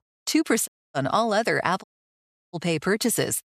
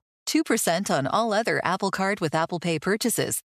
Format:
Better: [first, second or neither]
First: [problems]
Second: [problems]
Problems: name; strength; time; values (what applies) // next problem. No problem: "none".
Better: second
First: audio cutting out; at 0.5 s and at 2 s for 0.5 s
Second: none